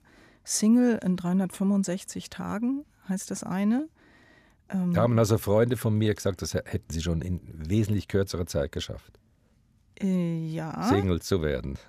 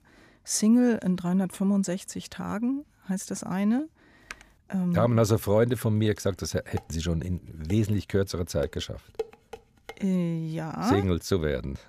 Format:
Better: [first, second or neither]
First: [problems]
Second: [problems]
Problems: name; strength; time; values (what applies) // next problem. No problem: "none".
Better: first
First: none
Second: keyboard typing; faint; at 4.5 s; peak 20 dB below the speech // clattering dishes; faint; from 7 to 10 s; peak 10 dB below the speech